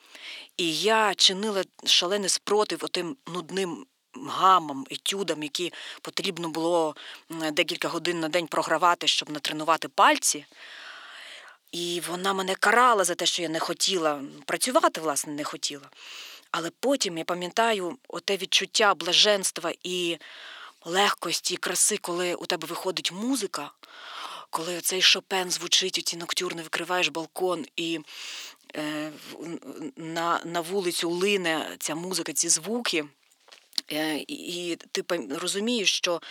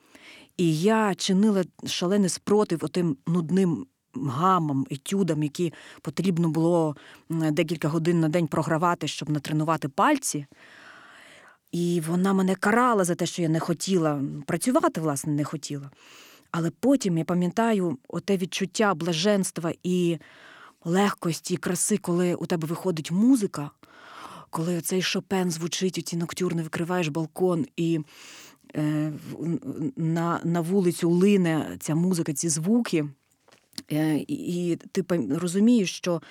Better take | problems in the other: second | thin; somewhat; fading below 500 Hz

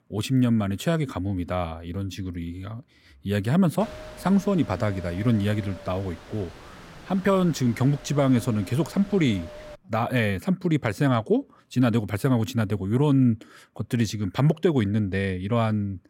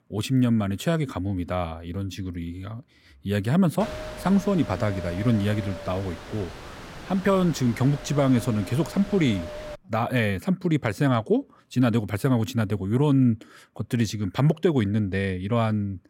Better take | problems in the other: first | wind noise on the microphone; heavy; from 4 to 10 s; 10 dB below the speech; occasional gusts in the first

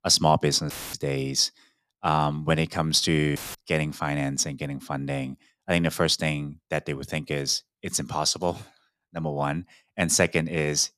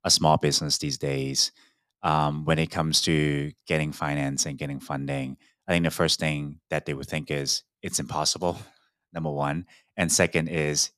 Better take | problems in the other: second | audio cutting out; filled with static; at 0.5 s and at 3.5 s

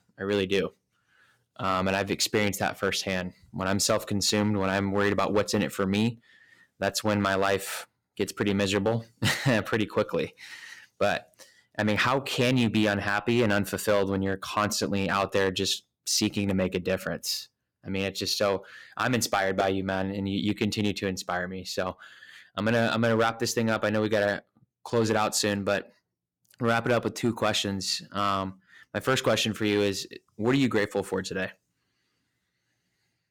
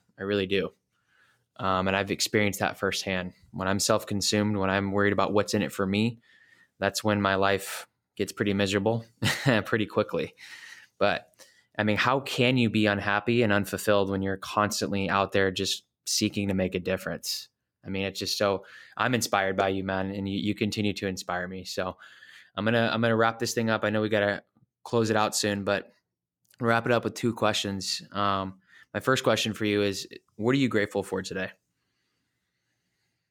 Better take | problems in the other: second | distortion; slight; 3% of the sound clipped

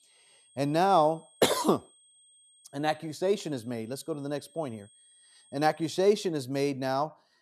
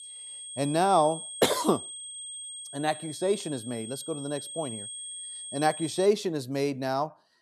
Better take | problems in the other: first | high-pitched whine; loud; until 6 s; 8.5 kHz, 9 dB below the speech; faint in the first

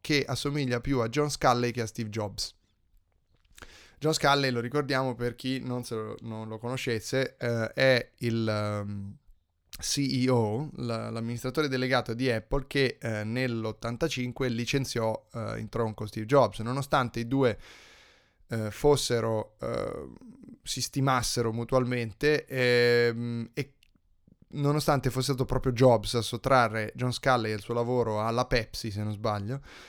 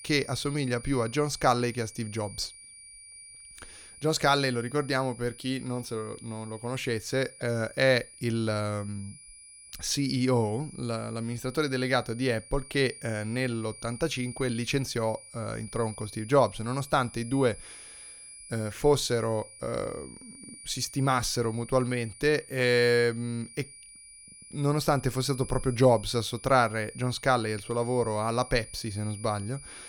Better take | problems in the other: first | high-pitched whine; noticeable; throughout; 10 kHz, 15 dB below the speech

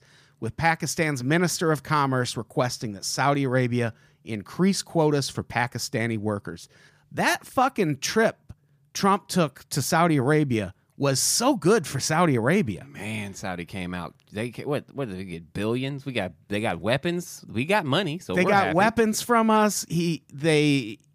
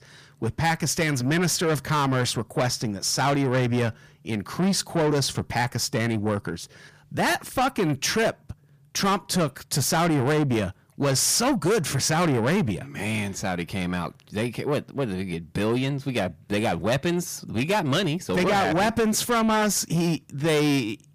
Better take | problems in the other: first | distortion; heavy; 7 dB below the speech

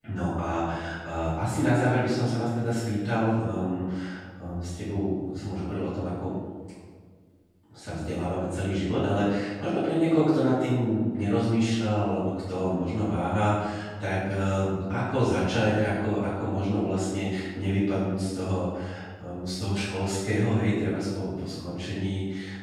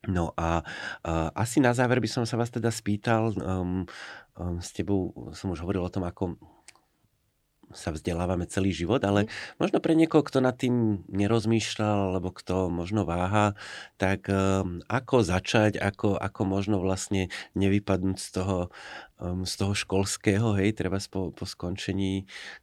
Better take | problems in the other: second | off-mic speech; far // room echo; strong; dies away in 1.2 s

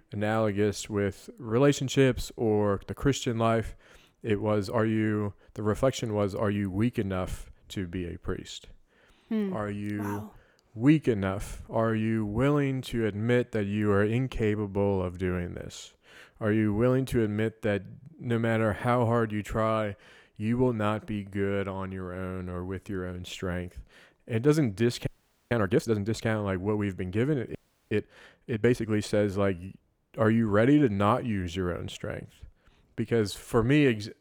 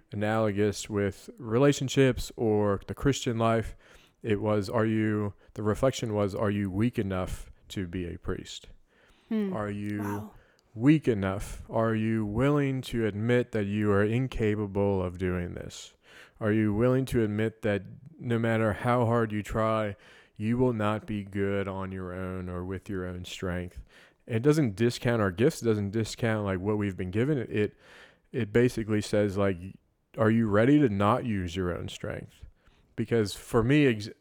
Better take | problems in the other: second | audio freezing; at 25 s and at 28 s

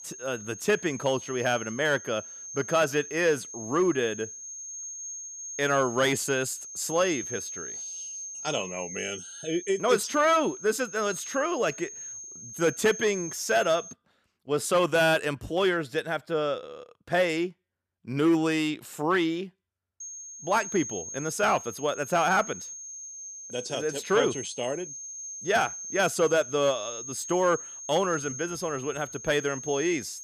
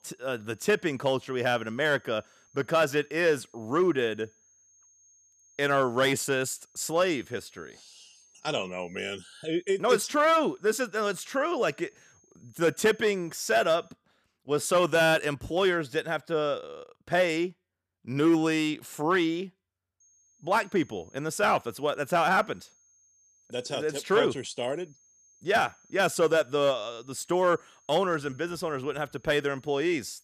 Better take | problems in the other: second | high-pitched whine; loud; until 14 s and from 20 s on; 6.5 kHz, 10 dB below the speech; faint in the second

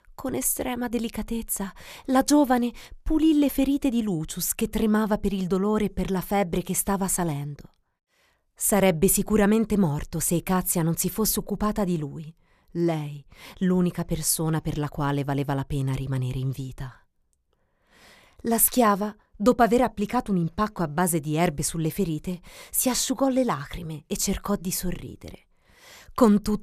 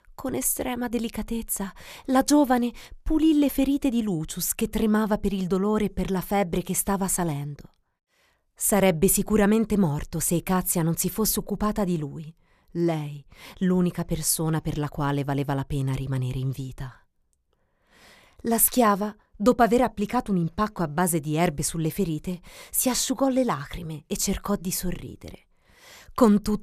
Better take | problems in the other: neither | none

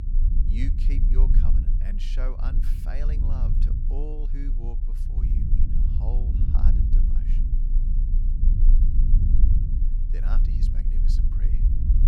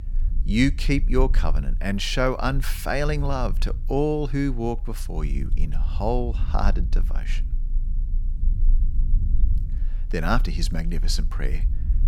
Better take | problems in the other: second | low rumble; loud; throughout; as loud as the speech; faint in the second

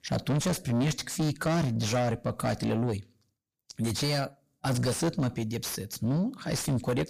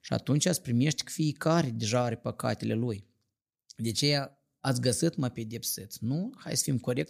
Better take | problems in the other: second | distortion; heavy; 5 dB below the speech

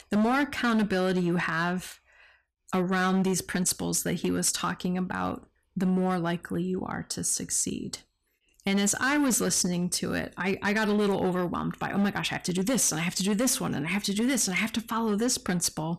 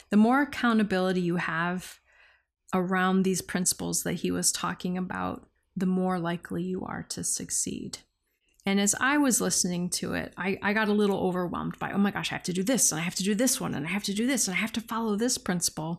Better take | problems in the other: second | distortion; slight; 9% of the sound clipped

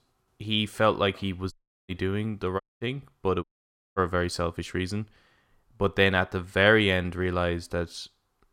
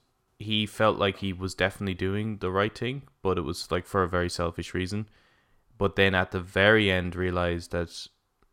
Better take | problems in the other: second | audio cutting out; at 1.5 s, at 2.5 s and at 3.5 s for 0.5 s

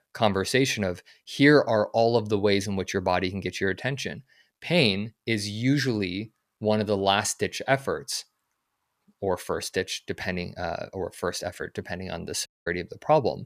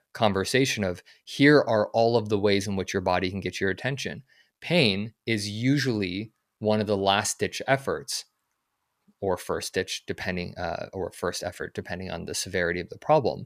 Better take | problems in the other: second | audio cutting out; at 12 s

